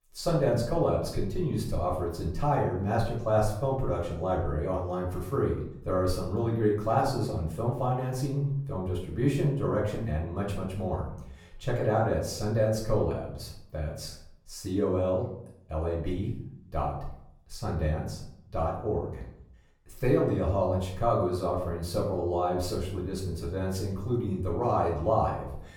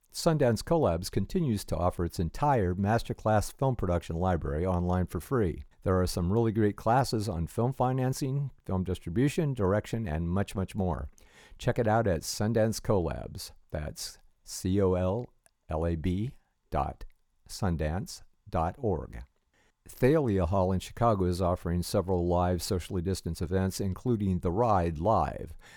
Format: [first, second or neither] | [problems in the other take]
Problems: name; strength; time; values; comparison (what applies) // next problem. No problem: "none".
second | off-mic speech; far // room echo; noticeable; dies away in 0.6 s